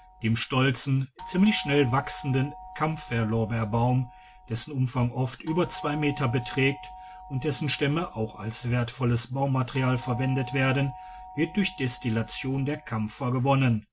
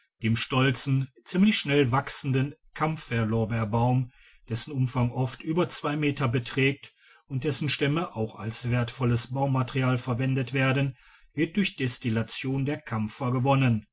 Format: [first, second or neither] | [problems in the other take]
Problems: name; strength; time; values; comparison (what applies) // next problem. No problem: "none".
second | background sound (Doorbell); 17 dB below the speech